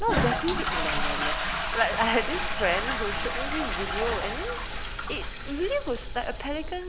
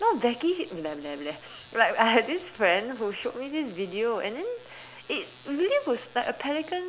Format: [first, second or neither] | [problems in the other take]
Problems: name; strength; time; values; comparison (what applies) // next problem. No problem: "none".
second | background sound (Toilet flush); 1 dB above the speech